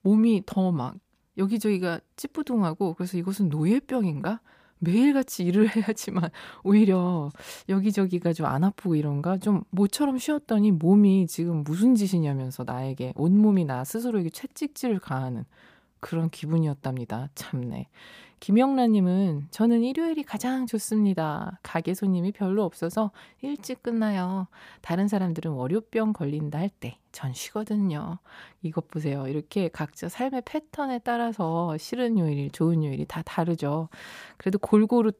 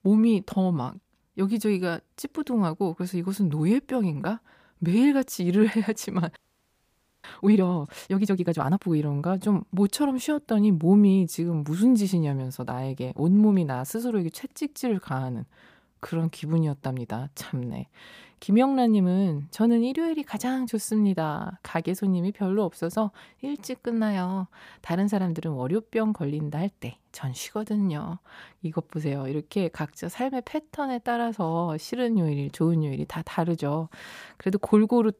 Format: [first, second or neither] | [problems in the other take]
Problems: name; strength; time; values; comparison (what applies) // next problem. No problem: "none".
first | audio freezing; at 6.5 s for 1 s